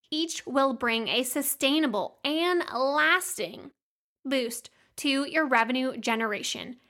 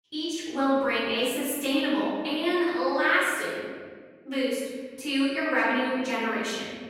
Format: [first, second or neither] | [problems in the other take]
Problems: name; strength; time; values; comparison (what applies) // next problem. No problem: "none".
first | off-mic speech; far // room echo; strong; dies away in 1.5 s